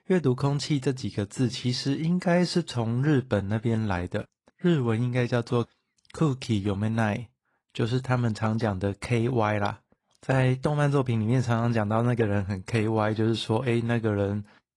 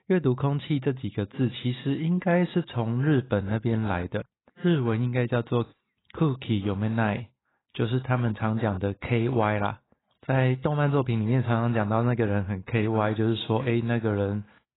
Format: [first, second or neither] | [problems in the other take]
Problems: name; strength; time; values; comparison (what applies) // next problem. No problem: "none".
first | garbled, watery; badly; nothing above 4 kHz; slightly in the first